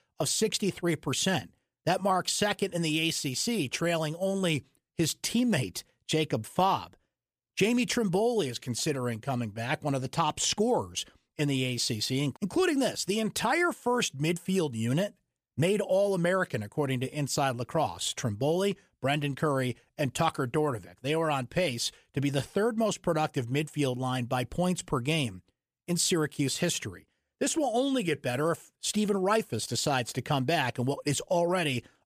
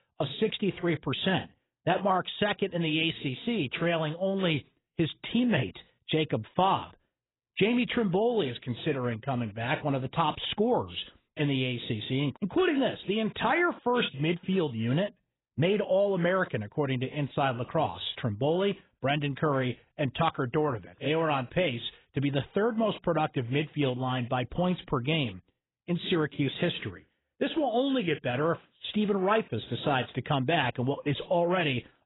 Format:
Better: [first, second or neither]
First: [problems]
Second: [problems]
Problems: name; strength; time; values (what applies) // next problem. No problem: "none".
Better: first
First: none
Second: garbled, watery; badly; nothing above 4 kHz